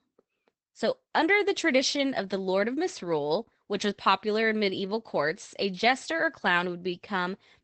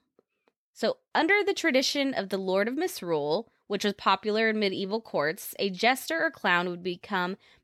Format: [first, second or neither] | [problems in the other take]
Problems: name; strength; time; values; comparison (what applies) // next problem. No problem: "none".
second | garbled, watery; badly; nothing above 8 kHz